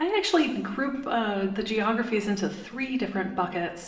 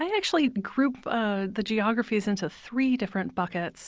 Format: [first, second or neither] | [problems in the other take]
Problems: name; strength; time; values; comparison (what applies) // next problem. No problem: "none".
second | room echo; dies away in 1 s